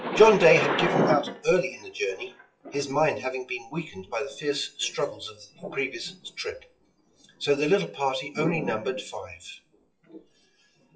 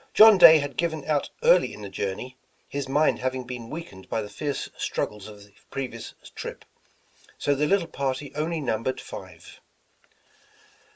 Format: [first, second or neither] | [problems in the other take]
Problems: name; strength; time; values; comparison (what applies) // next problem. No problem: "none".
second | noise reduction (classical method WPE with log-MMSE)